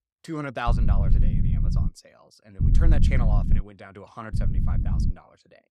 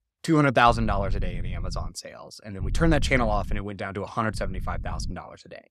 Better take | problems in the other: second | low rumble; loud; from 0.5 to 2 s, from 2.5 to 3.5 s and at 4.5 s; 4 dB below the speech; faint in the second

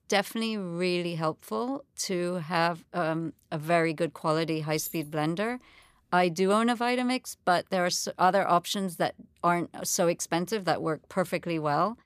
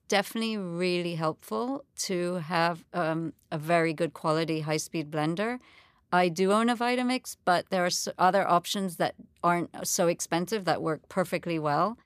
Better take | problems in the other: second | jangling keys; faint; at 5 s; peak 10 dB below the speech

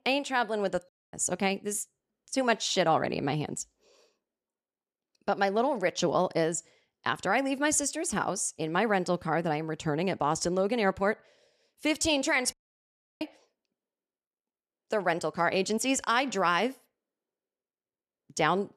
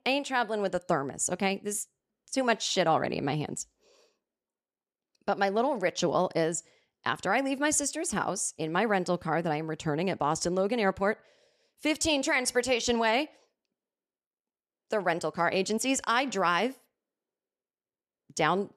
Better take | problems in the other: second | audio cutting out; at 1 s and at 13 s for 0.5 s

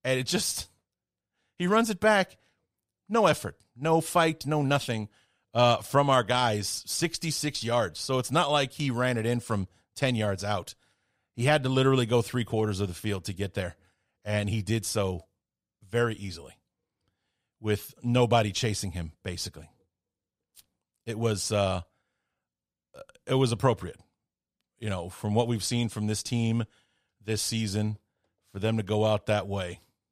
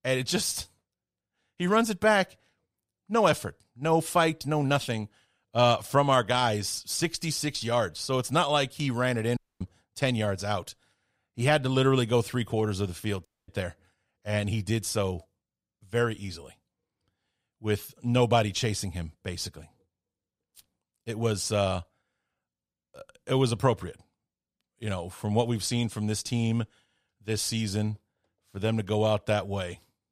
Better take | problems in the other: first | audio cutting out; at 9.5 s and at 13 s

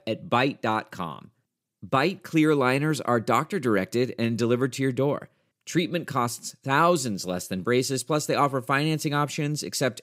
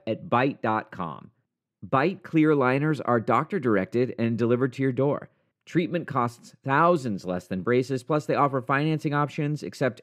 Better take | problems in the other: first | muffled; slightly; fading above 3.5 kHz

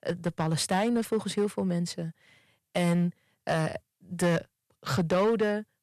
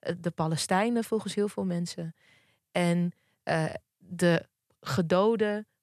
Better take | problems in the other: second | distortion; slight; 5% of the sound clipped

